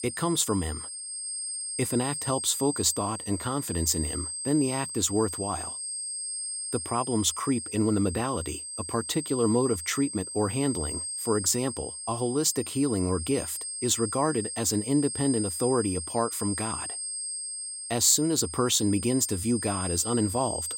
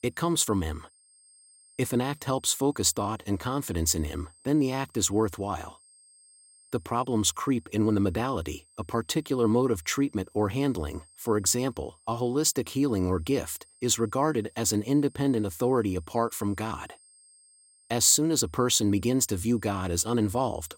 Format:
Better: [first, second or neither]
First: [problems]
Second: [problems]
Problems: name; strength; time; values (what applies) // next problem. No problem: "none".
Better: second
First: high-pitched whine; loud; throughout; 8.5 kHz, 5 dB below the speech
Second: high-pitched whine; faint; throughout; 8.5 kHz, 30 dB below the speech